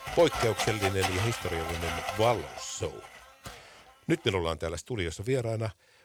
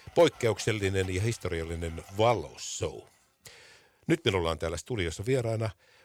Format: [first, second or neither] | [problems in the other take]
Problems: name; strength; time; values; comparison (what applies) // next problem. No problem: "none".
second | household noises; loud; throughout; 3 dB below the speech; faint in the second